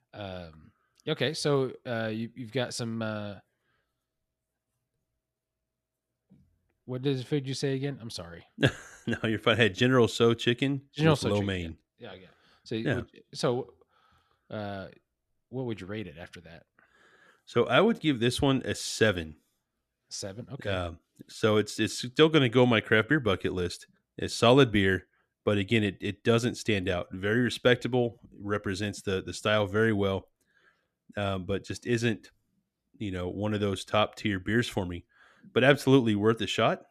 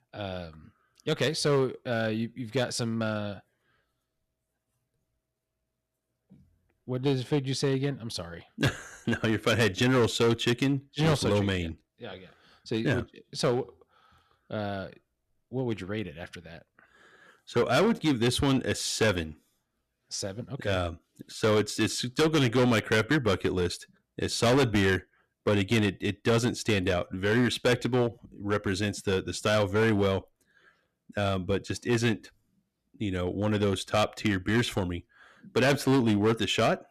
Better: first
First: none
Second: distortion; heavy; 6% of the sound clipped

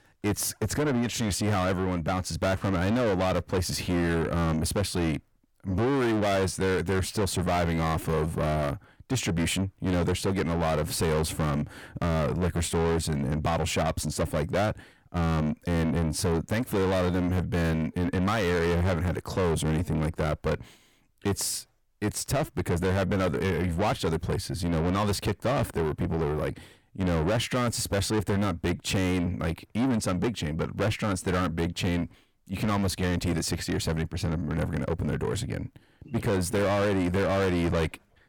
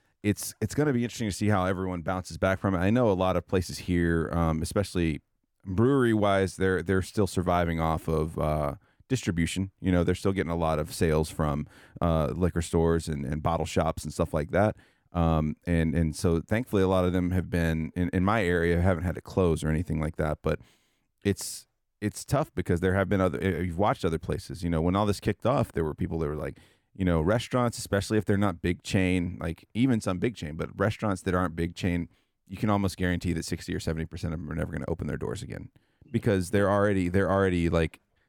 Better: second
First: distortion; heavy; 6 dB below the speech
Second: none

